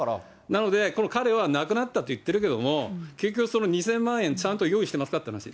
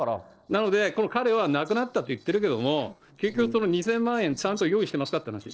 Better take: first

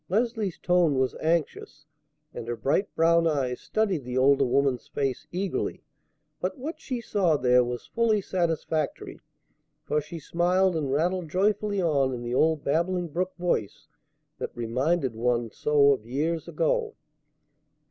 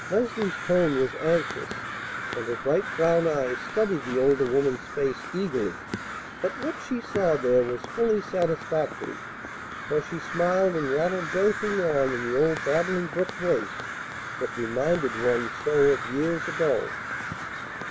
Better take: first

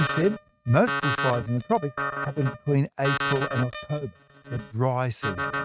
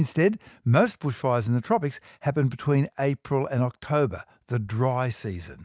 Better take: second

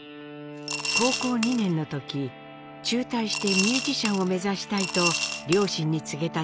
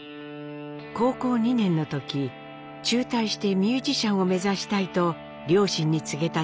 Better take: second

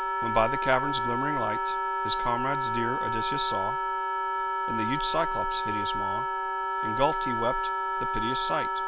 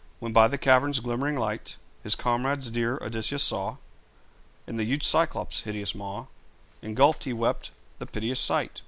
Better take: second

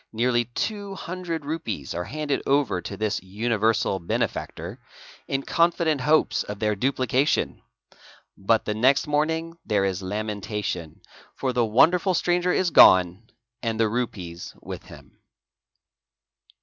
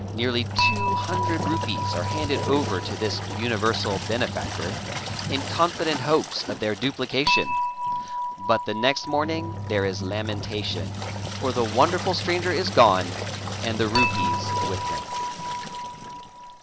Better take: first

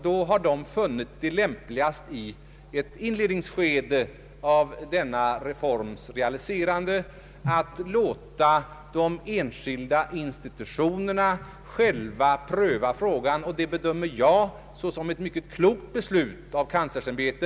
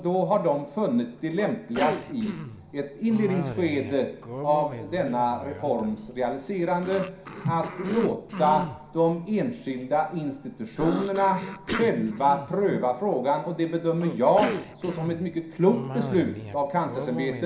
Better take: first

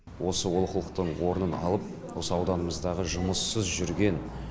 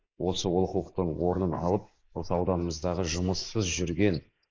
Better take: first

